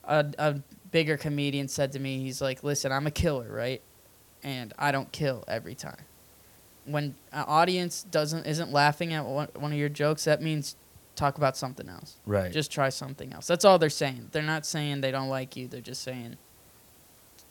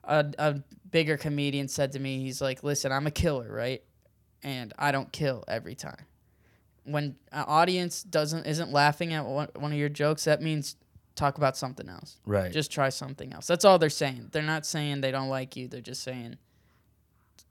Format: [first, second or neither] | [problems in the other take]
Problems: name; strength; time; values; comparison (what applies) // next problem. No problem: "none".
second | hiss; faint; throughout; 25 dB below the speech